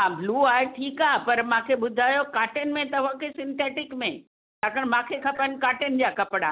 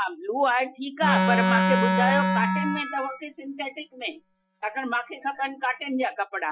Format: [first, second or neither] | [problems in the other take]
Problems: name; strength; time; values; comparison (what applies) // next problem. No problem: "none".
first | noise reduction (classical method Wiener filter)